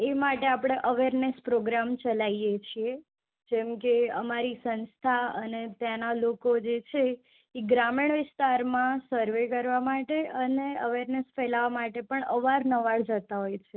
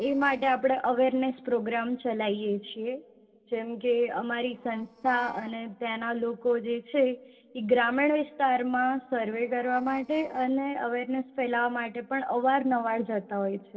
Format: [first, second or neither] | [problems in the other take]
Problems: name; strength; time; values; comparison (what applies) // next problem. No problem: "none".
first | noise reduction (neural separator model SepFormer DNS4)